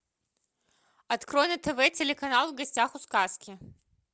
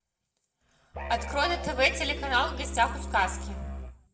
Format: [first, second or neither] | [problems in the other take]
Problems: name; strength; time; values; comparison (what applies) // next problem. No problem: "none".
first | background sound (Musical instrument); 6 dB below the speech // room echo; dies away in 0.6 s